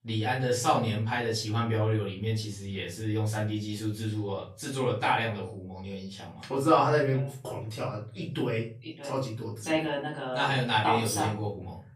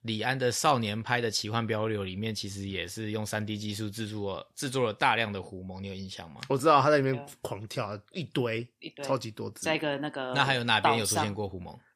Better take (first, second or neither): second